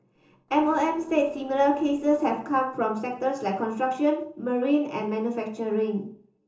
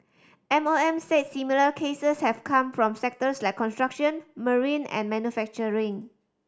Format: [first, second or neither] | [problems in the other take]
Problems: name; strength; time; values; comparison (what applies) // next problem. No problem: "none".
second | noise reduction (neural separator model SepFormer DNS4)